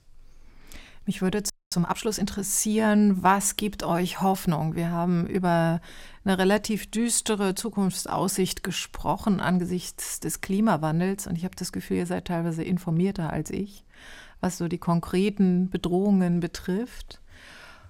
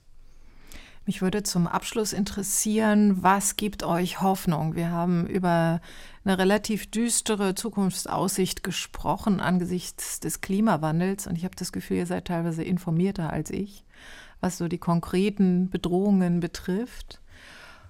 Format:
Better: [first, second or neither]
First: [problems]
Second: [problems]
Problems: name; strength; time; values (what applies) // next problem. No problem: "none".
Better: second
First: audio freezing; at 1.5 s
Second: none